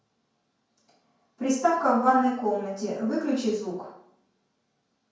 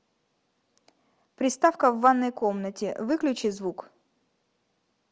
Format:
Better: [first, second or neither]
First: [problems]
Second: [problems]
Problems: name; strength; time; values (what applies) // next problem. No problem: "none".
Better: second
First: room echo; dies away in 0.5 s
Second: none